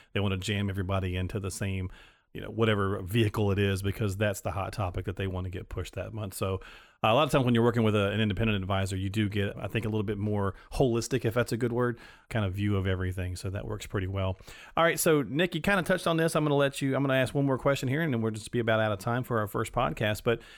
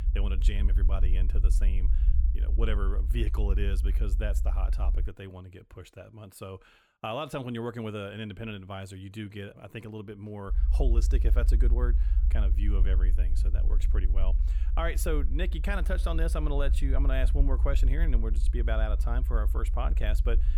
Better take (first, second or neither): first